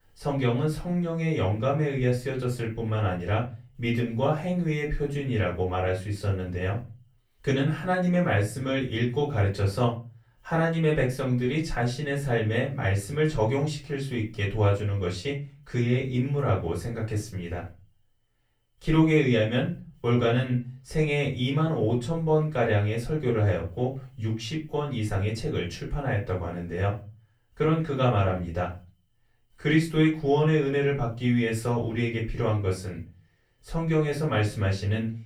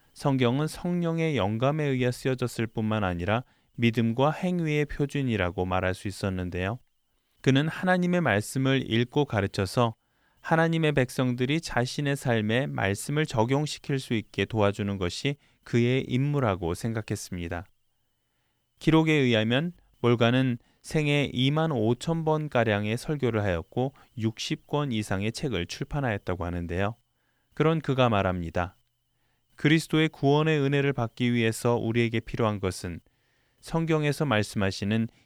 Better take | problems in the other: second | off-mic speech; far // room echo; slight; dies away in 0.3 s

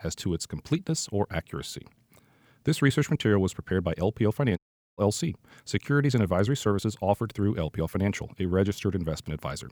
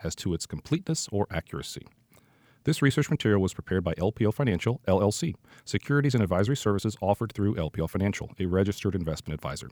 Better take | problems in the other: second | audio cutting out; at 4.5 s

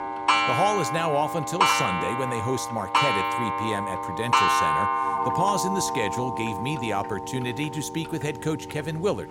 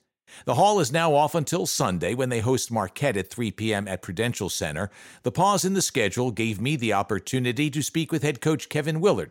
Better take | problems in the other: second | household noises; very loud; throughout; 3 dB above the speech

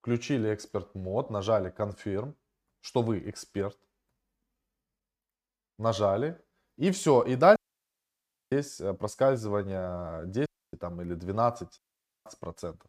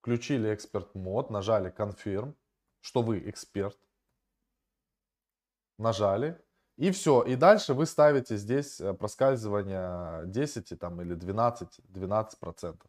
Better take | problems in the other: second | audio cutting out; at 7.5 s for 1 s, at 10 s and at 12 s

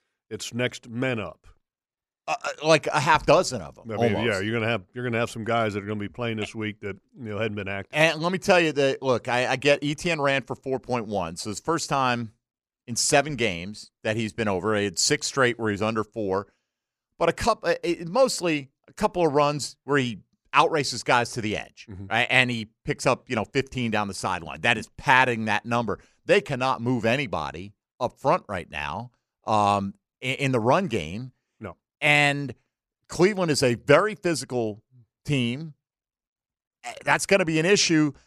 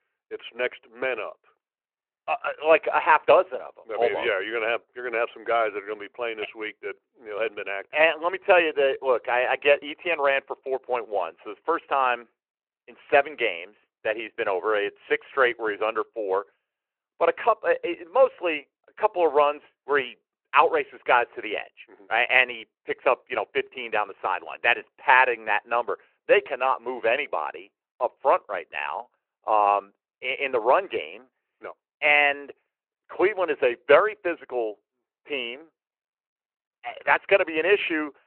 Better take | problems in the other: first | phone-call audio

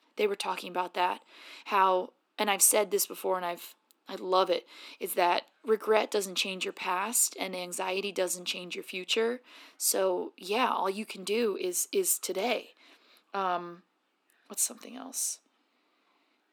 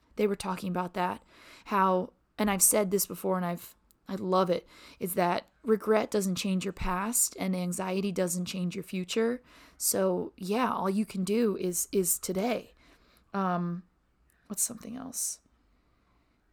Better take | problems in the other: second | thin; somewhat; fading below 250 Hz

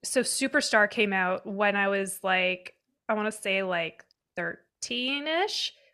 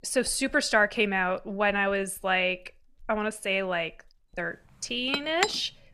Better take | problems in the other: first | household noises; loud; throughout; 6 dB below the speech

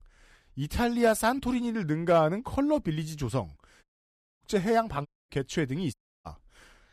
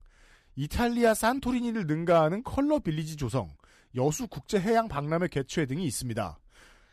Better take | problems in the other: second | audio cutting out; at 4 s for 0.5 s, at 5 s and at 6 s

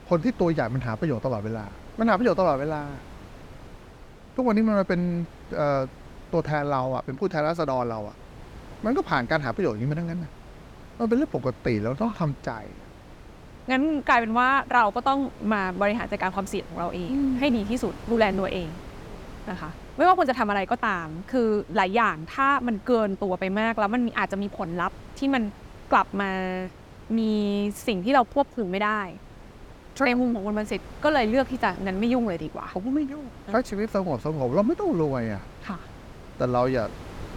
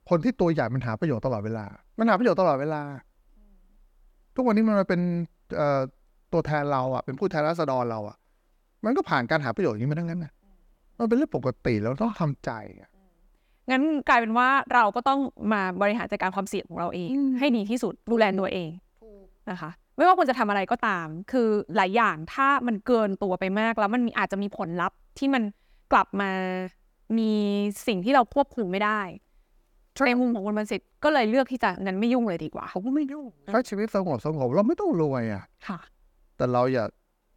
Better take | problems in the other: second | wind noise on the microphone; occasional gusts; 20 dB below the speech

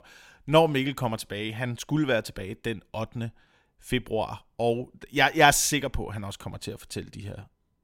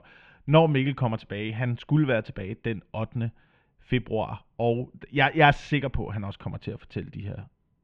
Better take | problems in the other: first | muffled; very; fading above 3 kHz

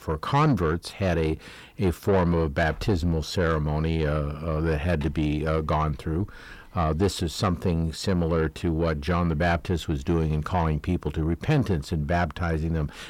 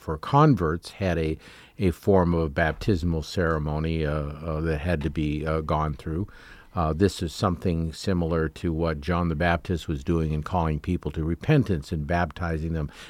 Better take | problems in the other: second | distortion; slight; 10 dB below the speech

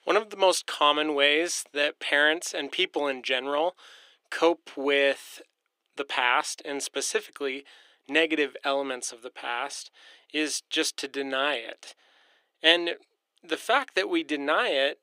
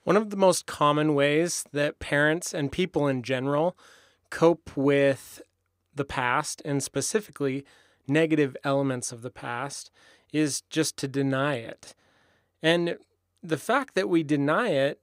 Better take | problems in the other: second | thin; somewhat; fading below 350 Hz

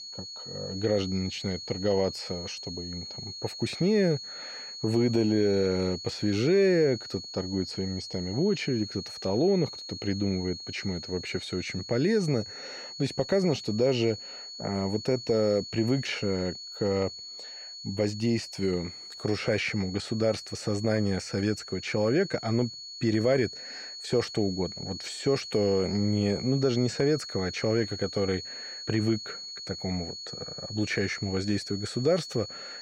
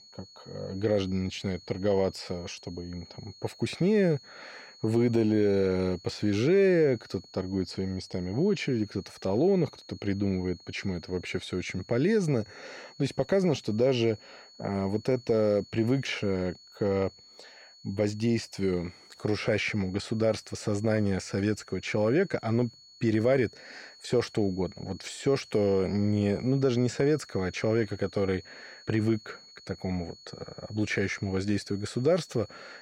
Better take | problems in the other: second | high-pitched whine; loud; throughout; 4.5 kHz, 10 dB below the speech; faint in the second

